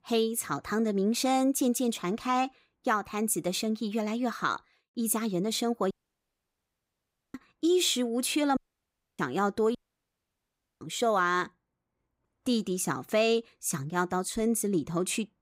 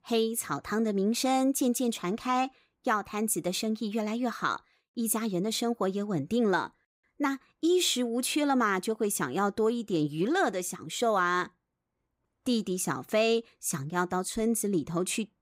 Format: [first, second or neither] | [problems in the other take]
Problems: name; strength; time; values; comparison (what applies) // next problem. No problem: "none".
second | audio cutting out; at 6 s for 1.5 s, at 8.5 s for 0.5 s and at 10 s for 1 s